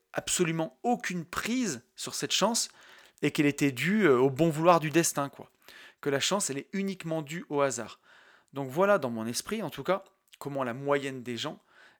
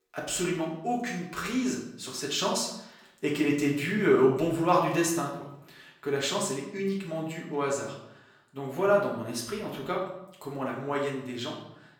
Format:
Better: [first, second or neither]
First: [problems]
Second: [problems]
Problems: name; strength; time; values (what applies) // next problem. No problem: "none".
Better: first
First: none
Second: off-mic speech; far // room echo; noticeable; dies away in 0.7 s